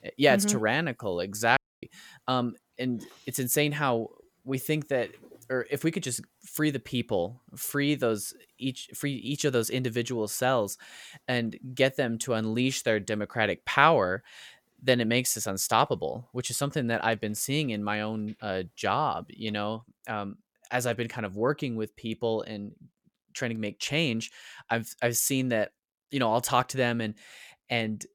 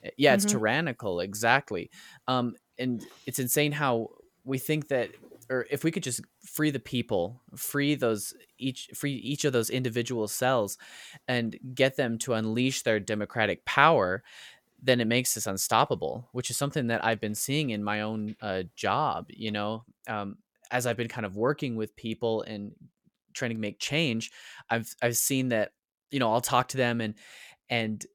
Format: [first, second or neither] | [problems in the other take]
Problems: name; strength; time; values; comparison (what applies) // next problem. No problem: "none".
second | audio cutting out; at 1.5 s